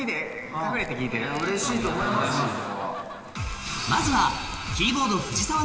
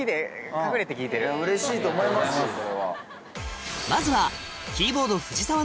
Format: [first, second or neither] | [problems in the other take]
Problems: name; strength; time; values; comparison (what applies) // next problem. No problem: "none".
second | background sound (Tearing); 19 dB below the speech // room echo; dies away in 1.9 s